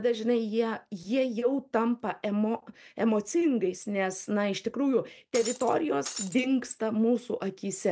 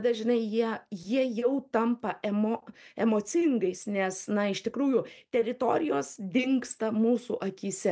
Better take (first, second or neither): second